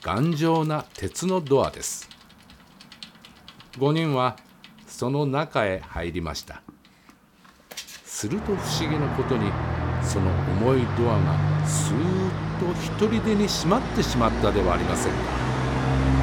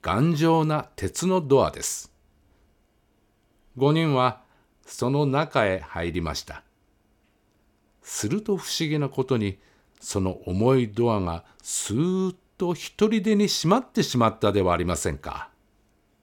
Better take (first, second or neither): second